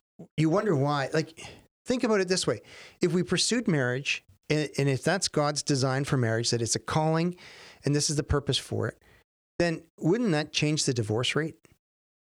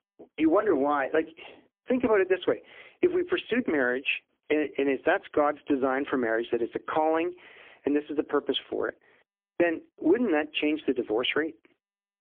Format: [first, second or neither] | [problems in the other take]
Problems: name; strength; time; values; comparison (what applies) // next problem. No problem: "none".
first | phone-call audio; poor line; nothing above 3.5 kHz